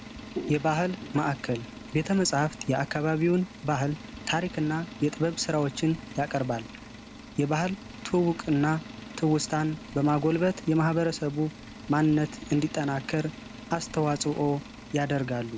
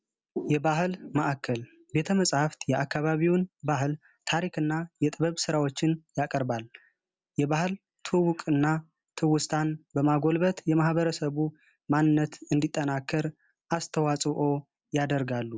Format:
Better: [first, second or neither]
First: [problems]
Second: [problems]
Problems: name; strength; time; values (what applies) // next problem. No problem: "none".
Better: second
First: background sound (Engine); 15 dB below the speech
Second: none